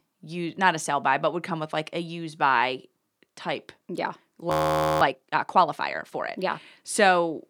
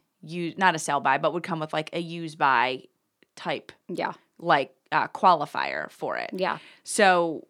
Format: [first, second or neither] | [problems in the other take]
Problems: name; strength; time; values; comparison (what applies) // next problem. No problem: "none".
second | audio freezing; at 4.5 s for 0.5 s